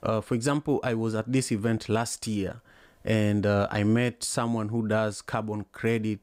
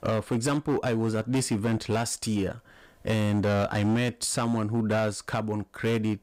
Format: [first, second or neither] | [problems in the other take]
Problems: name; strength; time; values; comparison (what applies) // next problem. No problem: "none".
first | distortion; slight; 13% of the sound clipped